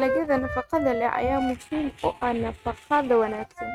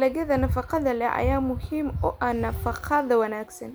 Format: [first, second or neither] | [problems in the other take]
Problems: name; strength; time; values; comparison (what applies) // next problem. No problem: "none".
second | noise reduction (neural mask model RNNoise)